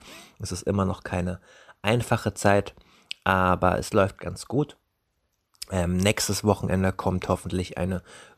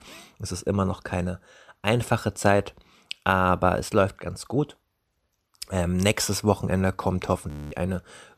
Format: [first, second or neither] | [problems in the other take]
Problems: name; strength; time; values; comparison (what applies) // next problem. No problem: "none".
first | audio freezing; at 7.5 s